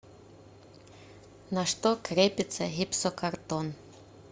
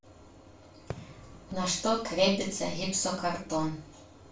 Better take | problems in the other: first | background sound (Fireworks); 18 dB below the speech // room echo; dies away in 0.3 s

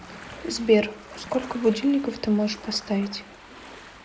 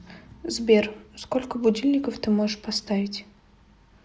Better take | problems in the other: second | background sound (Ocean); 17 dB below the speech

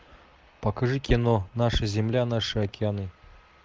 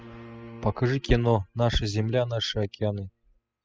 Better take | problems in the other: first | noise reduction (classical method spectral subtraction)

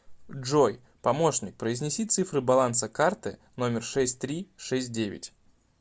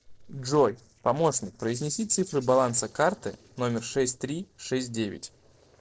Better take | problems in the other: first | noise reduction (neural separator model SepFormer DNS4)

